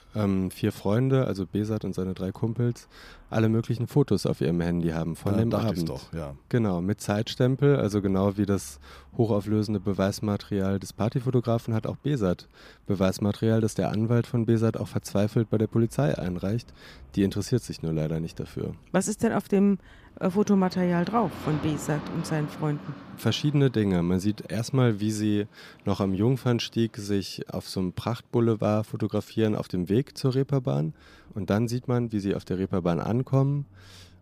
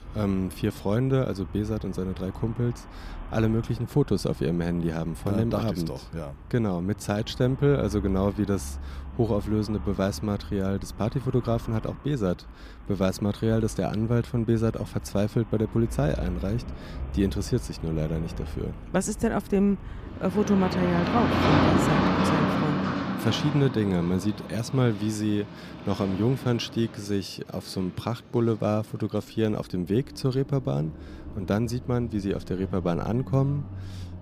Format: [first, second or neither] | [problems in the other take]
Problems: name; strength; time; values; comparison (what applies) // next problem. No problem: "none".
first | traffic noise; loud; throughout; 6 dB below the speech; faint in the first